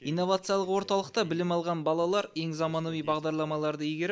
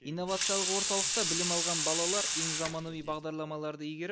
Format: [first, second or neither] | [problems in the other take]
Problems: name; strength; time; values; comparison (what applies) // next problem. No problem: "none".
first | background sound (Sink (filling or washing) / Water tap, faucet); 3 dB above the speech